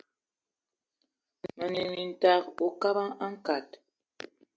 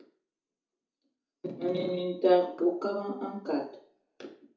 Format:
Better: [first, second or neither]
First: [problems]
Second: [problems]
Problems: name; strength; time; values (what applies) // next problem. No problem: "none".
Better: first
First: none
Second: room echo; dies away in 0.7 s